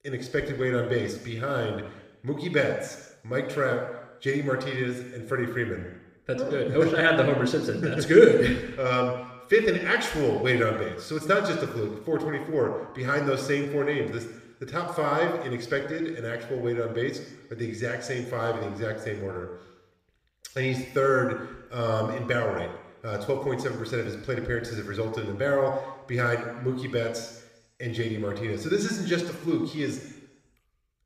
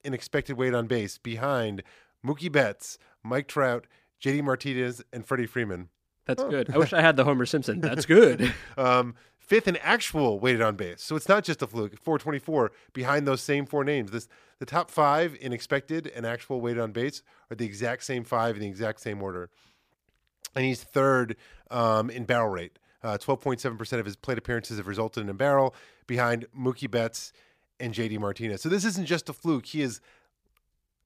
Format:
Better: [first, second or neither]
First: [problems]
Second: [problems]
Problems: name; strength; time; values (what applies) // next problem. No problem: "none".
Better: second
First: room echo; noticeable; dies away in 1 s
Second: none